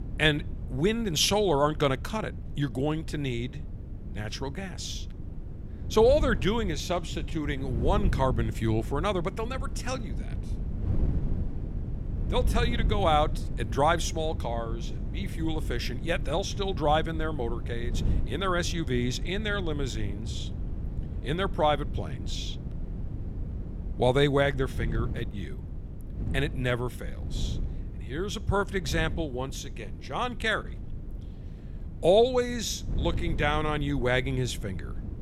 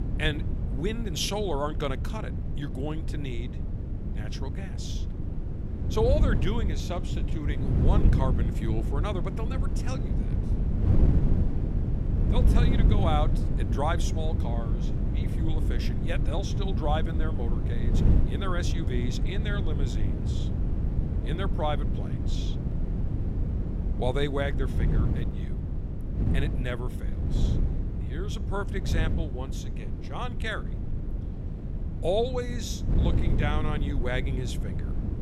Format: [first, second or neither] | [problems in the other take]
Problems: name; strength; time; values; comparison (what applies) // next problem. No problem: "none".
first | wind noise on the microphone; heavy; 6 dB below the speech; occasional gusts in the first